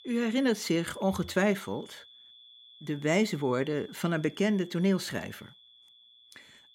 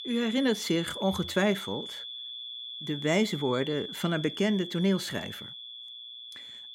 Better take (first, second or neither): first